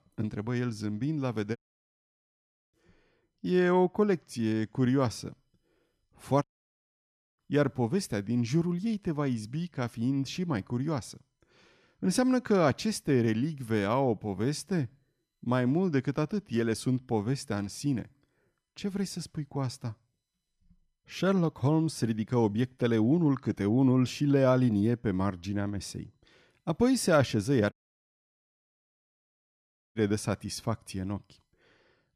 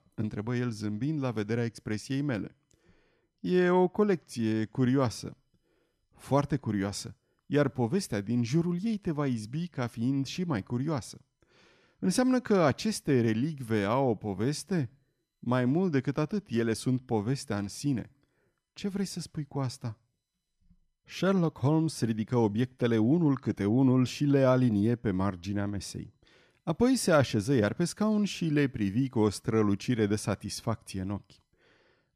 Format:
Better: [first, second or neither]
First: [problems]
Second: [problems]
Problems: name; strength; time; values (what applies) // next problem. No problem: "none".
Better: second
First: audio cutting out; at 1.5 s for 1 s, at 6.5 s for 1 s and at 28 s for 2 s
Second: none